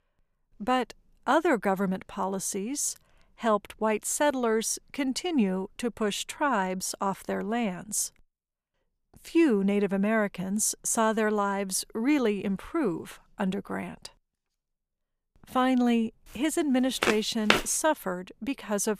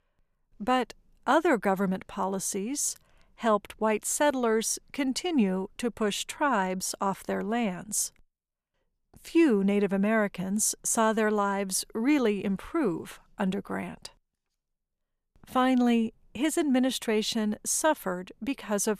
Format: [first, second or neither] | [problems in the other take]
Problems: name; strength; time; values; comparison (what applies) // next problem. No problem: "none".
second | footsteps; loud; at 17 s; peak 3 dB above the speech